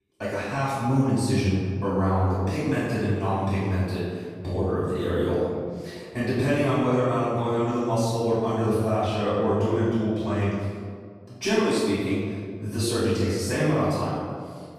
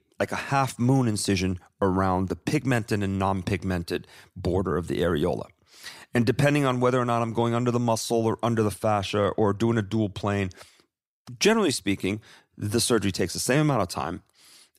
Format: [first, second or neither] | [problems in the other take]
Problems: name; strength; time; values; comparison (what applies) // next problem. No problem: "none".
second | off-mic speech; far // room echo; strong; dies away in 1.8 s